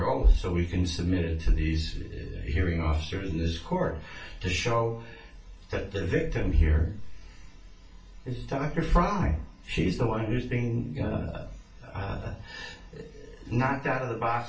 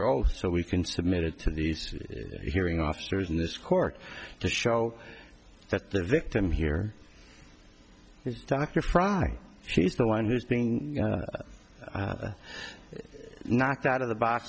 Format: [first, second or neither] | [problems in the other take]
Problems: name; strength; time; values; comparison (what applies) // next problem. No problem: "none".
second | room echo; dies away in 0.3 s